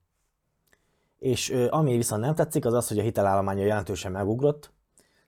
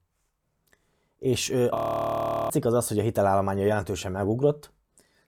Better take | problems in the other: first | audio freezing; at 2 s for 1 s

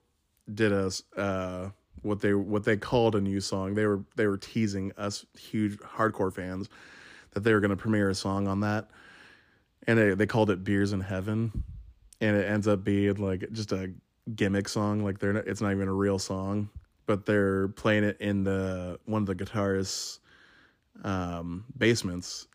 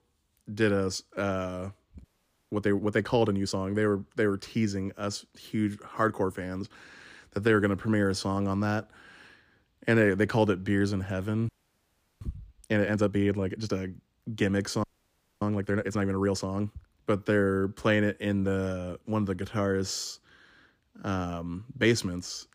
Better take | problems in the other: first | audio freezing; at 2 s, at 11 s for 0.5 s and at 15 s for 0.5 s

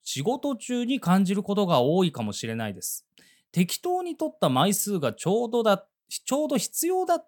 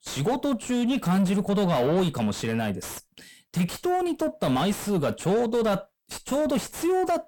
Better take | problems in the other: first | distortion; heavy; 6 dB below the speech

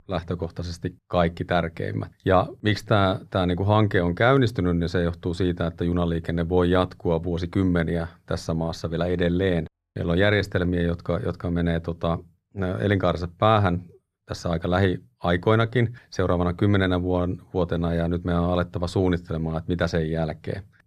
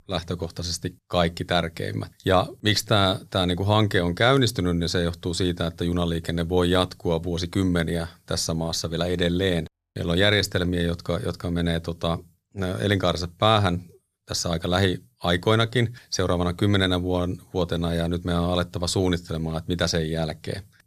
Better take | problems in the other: second | muffled; slightly; fading above 3.5 kHz

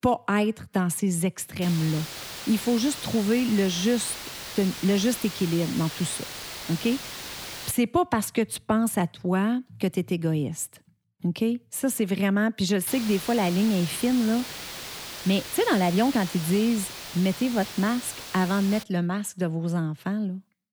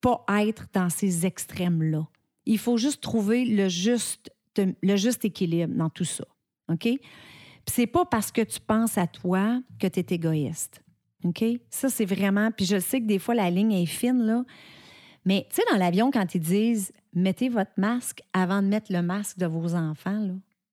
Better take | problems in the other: second | hiss; loud; from 1.5 to 7.5 s and from 13 to 19 s; 10 dB below the speech

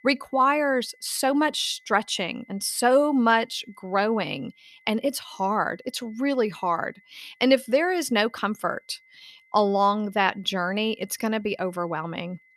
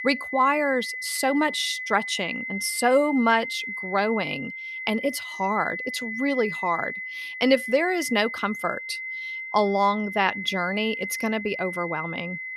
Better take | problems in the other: first | high-pitched whine; loud; throughout; 2 kHz, 7 dB below the speech; faint in the first

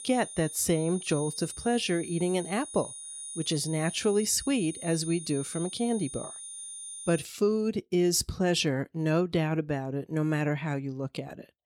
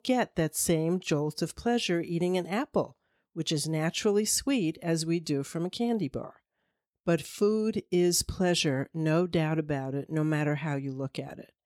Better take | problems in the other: second | high-pitched whine; loud; until 7 s; 9.5 kHz, 10 dB below the speech

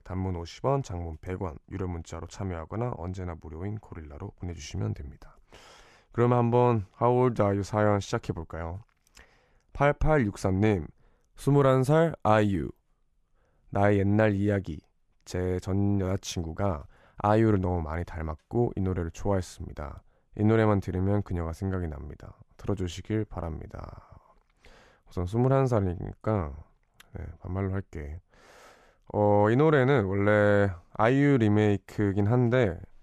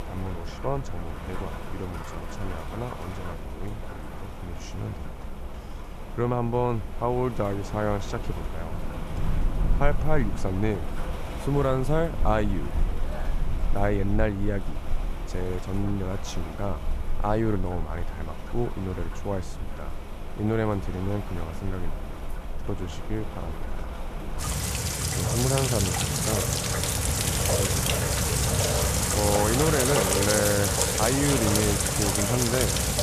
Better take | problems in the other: first | rain or running water; very loud; throughout; 1 dB above the speech

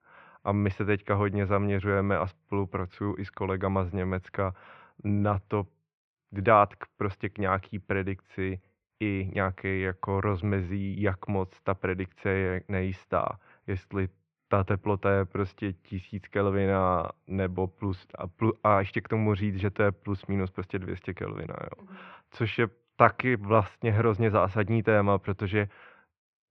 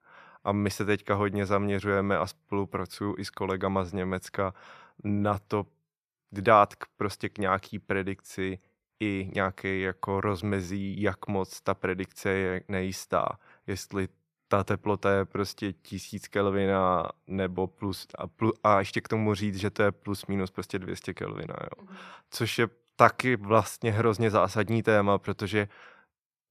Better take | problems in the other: second | muffled; very; fading above 2.5 kHz

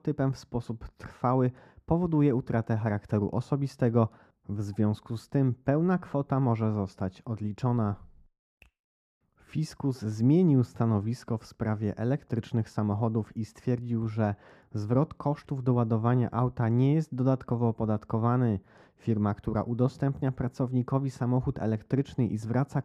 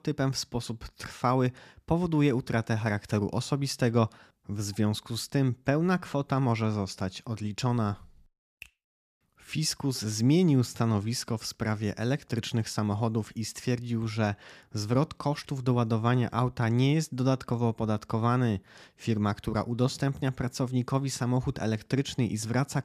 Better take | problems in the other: second | muffled; very; fading above 2 kHz

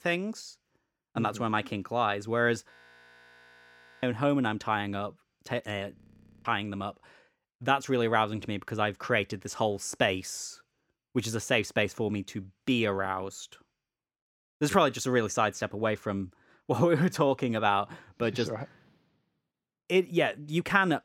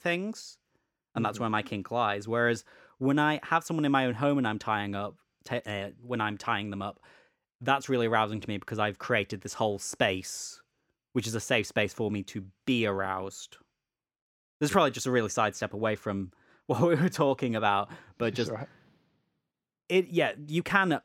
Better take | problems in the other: second | audio freezing; at 2.5 s for 1.5 s and at 6 s

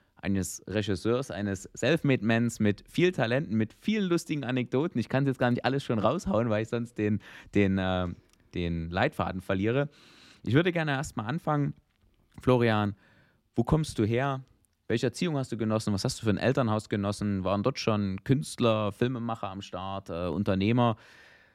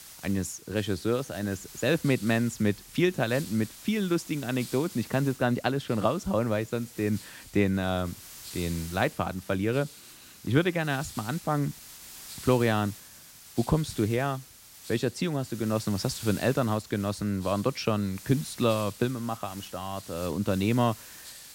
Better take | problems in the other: first | hiss; noticeable; throughout; 15 dB below the speech

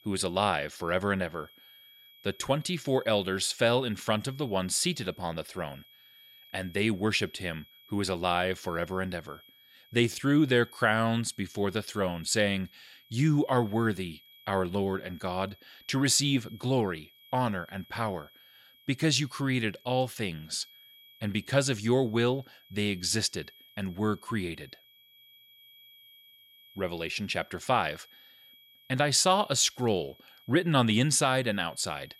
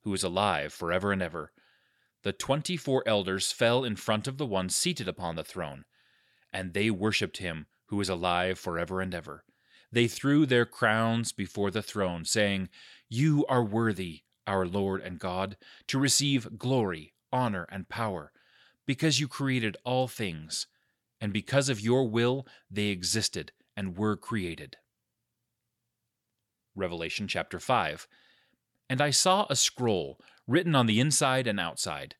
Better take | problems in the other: second | high-pitched whine; faint; throughout; 3.5 kHz, 25 dB below the speech

